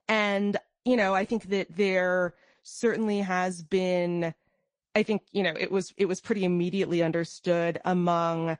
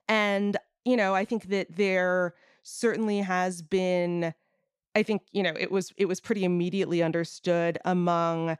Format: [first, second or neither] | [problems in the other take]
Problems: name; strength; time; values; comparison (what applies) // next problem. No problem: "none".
second | garbled, watery; slightly; nothing above 9 kHz